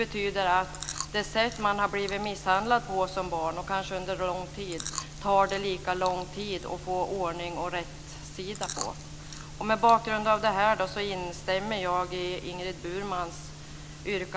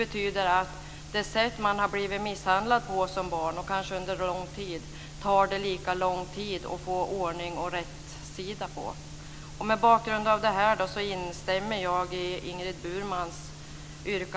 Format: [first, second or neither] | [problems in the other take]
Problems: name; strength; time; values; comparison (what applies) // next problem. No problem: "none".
second | background sound (Chewing, mastication); 15 dB below the speech